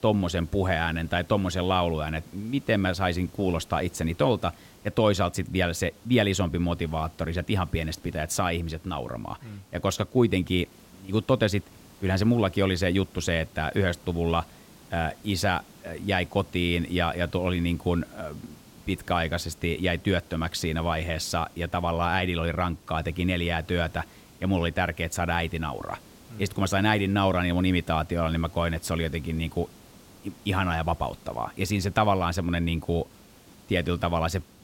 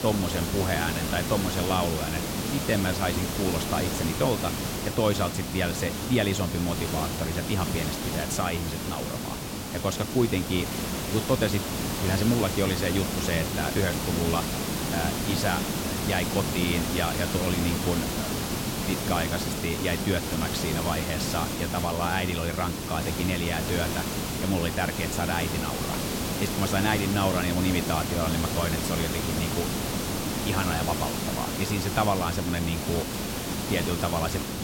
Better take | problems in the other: first | hiss; loud; throughout; 1 dB below the speech; faint in the first

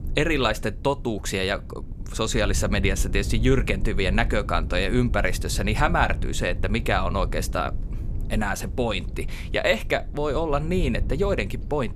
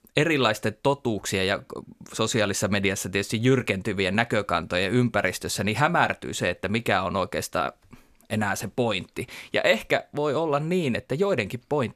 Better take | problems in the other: second | low rumble; faint; throughout; 20 dB below the speech

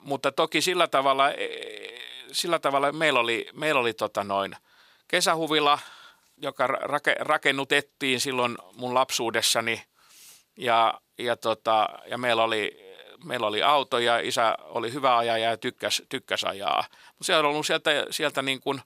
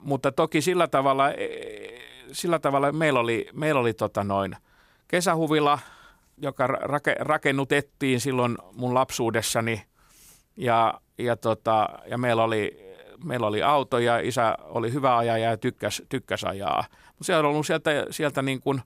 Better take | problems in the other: second | thin; very slightly; fading below 550 Hz

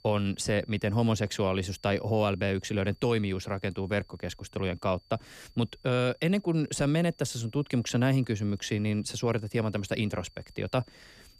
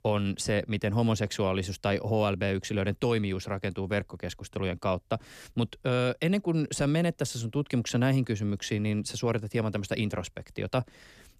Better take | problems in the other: second | high-pitched whine; faint; throughout; 4.5 kHz, 30 dB below the speech

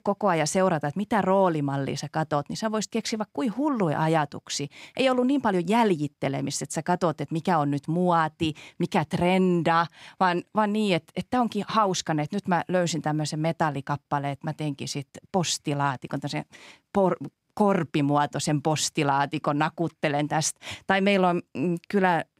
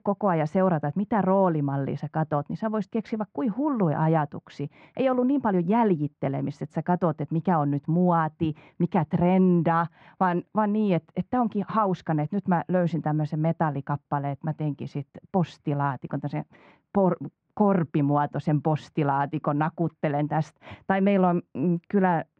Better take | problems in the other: first | muffled; very; fading above 1.5 kHz

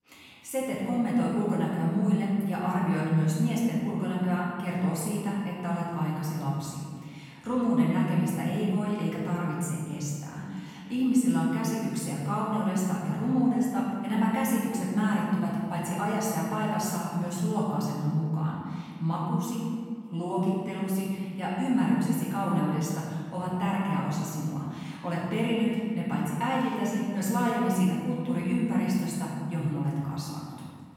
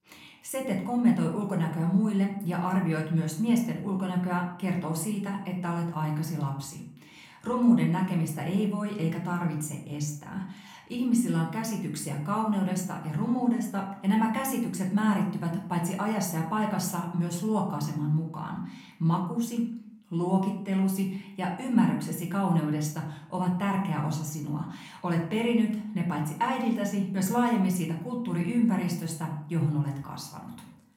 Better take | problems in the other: second | room echo; strong; dies away in 1.7 s; slight in the second // off-mic speech; far; somewhat distant in the second

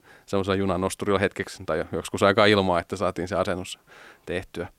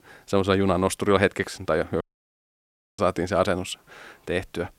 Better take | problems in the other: first | audio cutting out; at 2 s for 1 s

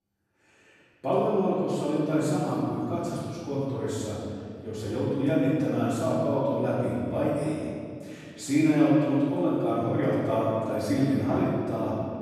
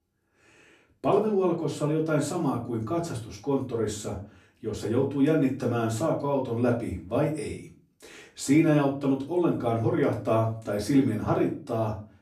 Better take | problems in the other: second | room echo; strong; dies away in 2.2 s; slight in the second // off-mic speech; far; far in the second

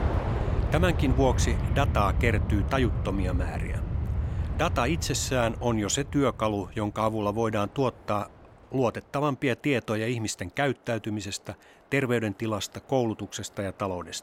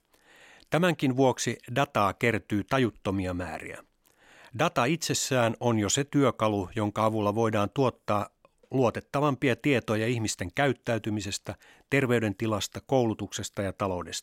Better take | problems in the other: second | train or aircraft noise; loud; throughout; 2 dB below the speech

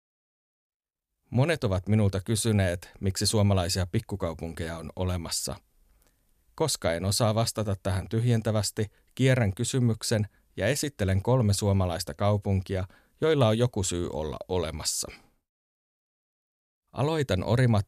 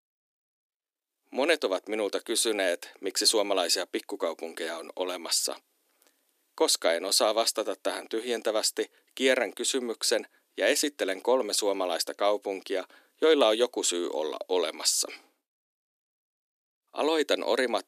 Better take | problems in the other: first | thin; very; fading below 300 Hz

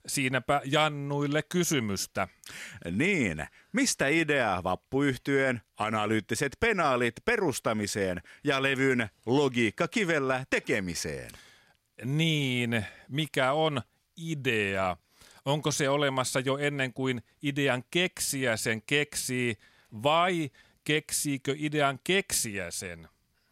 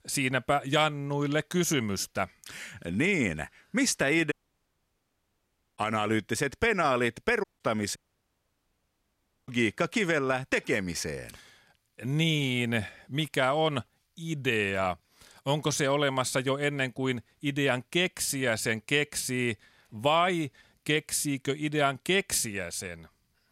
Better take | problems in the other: first | audio cutting out; at 4.5 s for 1.5 s, at 7.5 s and at 8 s for 1.5 s

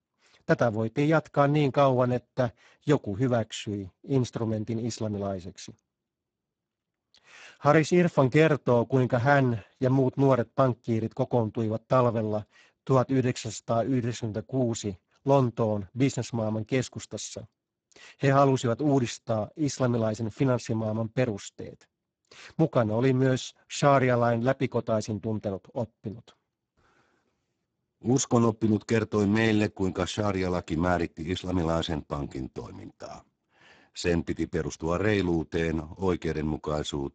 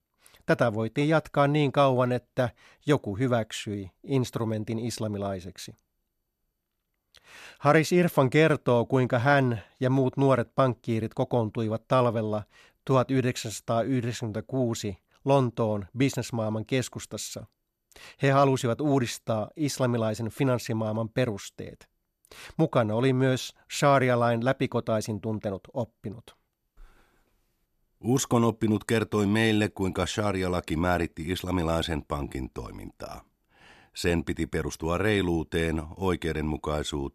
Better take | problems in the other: second | garbled, watery; badly; nothing above 7.5 kHz

